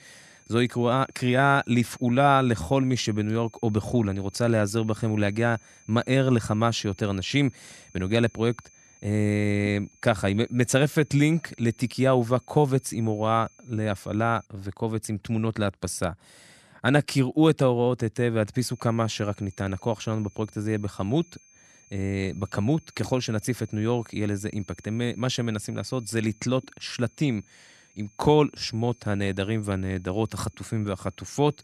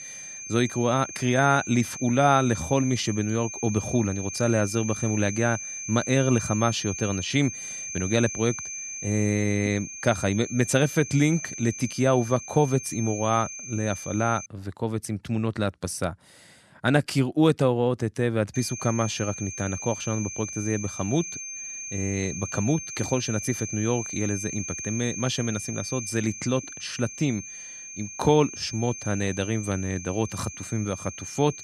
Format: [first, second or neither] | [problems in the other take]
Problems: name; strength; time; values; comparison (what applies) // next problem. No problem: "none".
first | high-pitched whine; loud; until 14 s and from 19 s on; 6.5 kHz, 8 dB below the speech; faint in the first